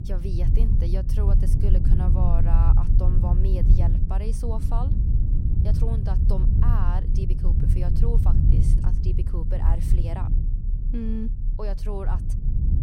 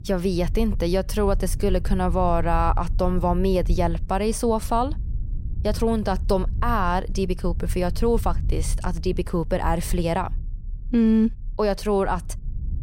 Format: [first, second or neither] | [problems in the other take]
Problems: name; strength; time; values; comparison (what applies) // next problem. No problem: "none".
second | low rumble; loud; throughout; 1 dB below the speech; faint in the second